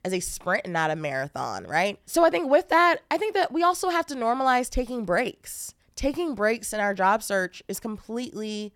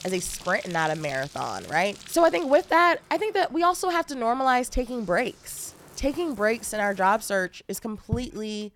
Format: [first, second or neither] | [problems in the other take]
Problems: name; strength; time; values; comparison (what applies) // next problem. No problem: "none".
first | household noises; noticeable; throughout; 15 dB below the speech